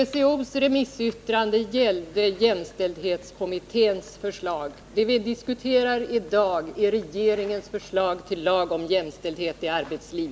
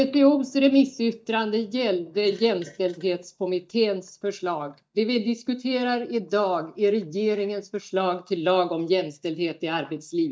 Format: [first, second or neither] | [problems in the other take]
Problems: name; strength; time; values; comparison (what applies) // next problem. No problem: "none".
first | noise reduction (neural mask model DeepFilterNet 3)